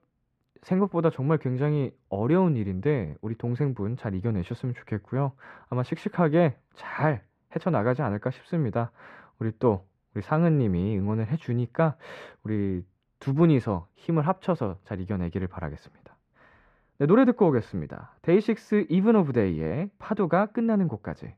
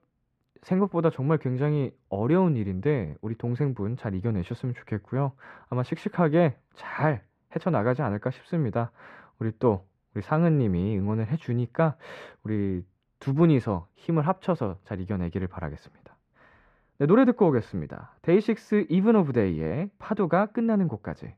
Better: neither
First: muffled; very; fading above 4 kHz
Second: muffled; very; fading above 4 kHz

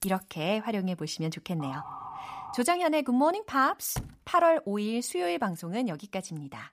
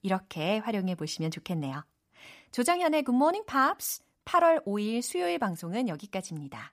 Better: second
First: jangling keys; noticeable; at the start; peak 10 dB below the speech // siren; faint; from 1.5 to 2.5 s; peak 10 dB below the speech // door banging; faint; at 4 s; peak 10 dB below the speech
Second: none

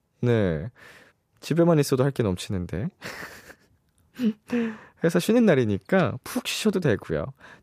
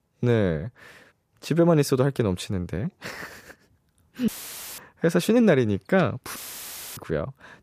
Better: first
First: none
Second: audio cutting out; filled with static; at 4.5 s for 0.5 s and at 6.5 s for 0.5 s

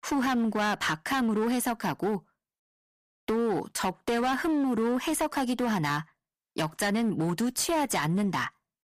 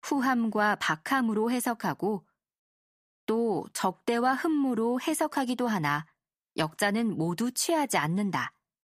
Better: second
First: distortion; slight; 18% of the sound clipped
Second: none

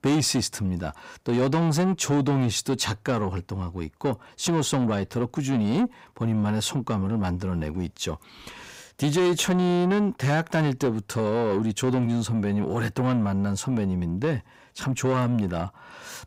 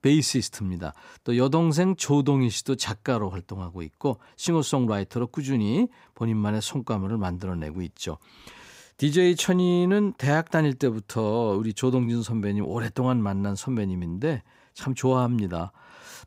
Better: second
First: distortion; slight; 10 dB below the speech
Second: none

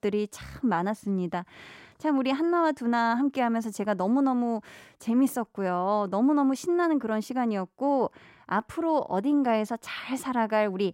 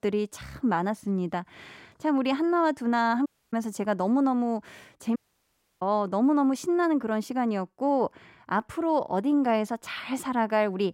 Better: first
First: none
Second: audio cutting out; at 3.5 s and at 5 s for 0.5 s

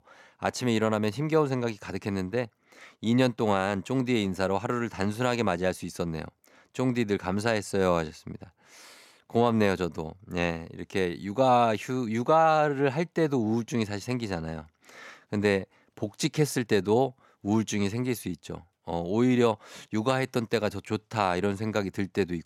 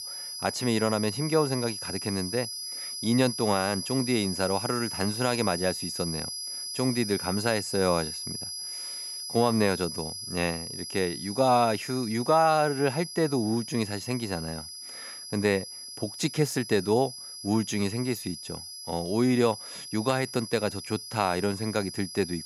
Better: first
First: none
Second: high-pitched whine; loud; throughout; 5 kHz, 7 dB below the speech

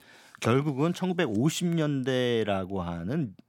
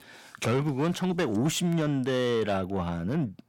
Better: first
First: none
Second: distortion; slight; 10 dB below the speech

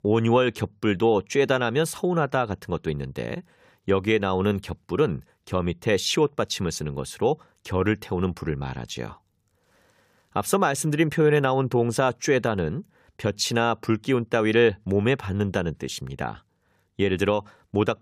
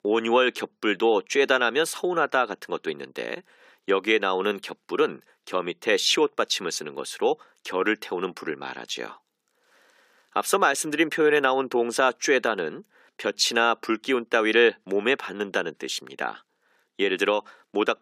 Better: first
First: none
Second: thin; somewhat; fading below 250 Hz

